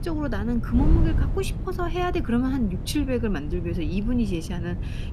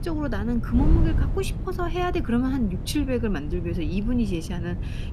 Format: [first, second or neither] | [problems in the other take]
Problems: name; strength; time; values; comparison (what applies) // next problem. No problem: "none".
neither | wind noise on the microphone; occasional gusts; 10 dB below the speech; the same in both